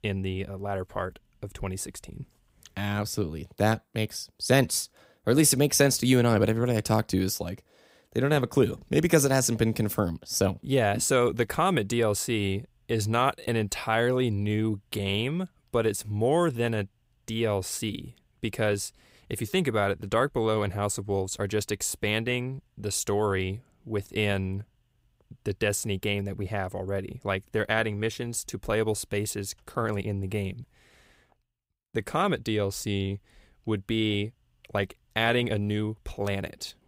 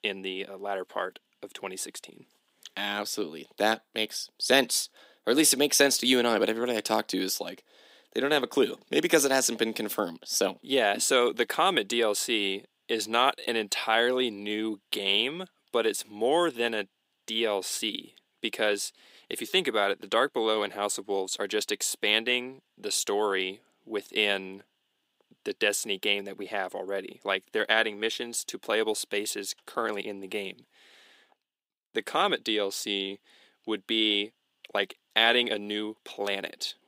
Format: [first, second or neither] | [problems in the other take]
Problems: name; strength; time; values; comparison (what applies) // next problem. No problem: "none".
first | thin; somewhat; fading below 250 Hz